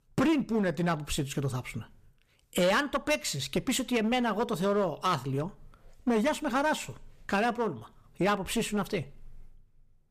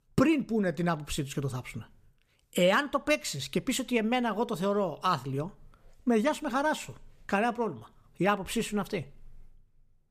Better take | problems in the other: second | distortion; slight; 7% of the sound clipped

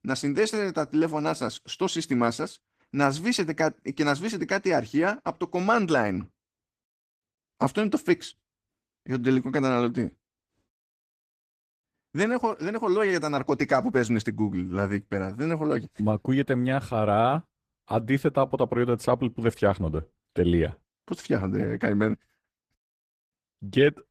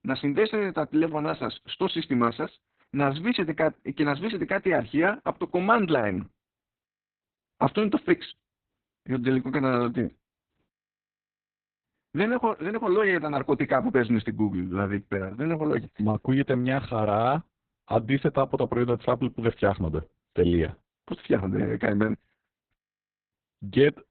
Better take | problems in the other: first | garbled, watery; badly; nothing above 4 kHz; slightly in the first

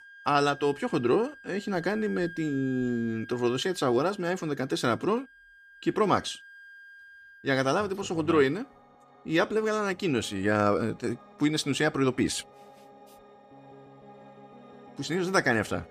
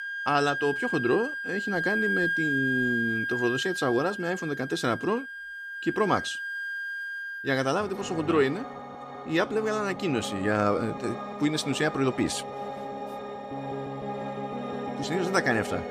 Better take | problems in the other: first | background music; loud; throughout; 5 dB below the speech; faint in the first

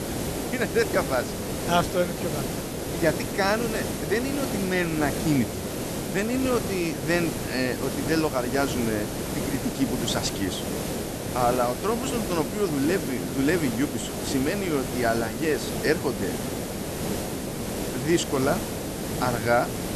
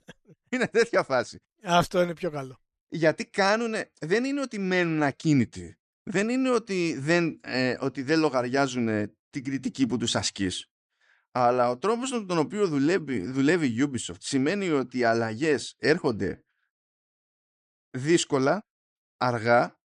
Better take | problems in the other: second | hiss; loud; throughout; 3 dB below the speech

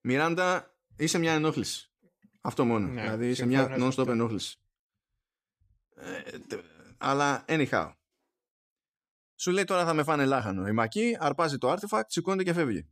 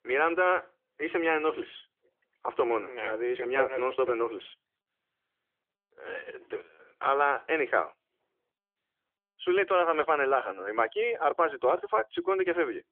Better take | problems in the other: first | phone-call audio; nothing above 3.5 kHz

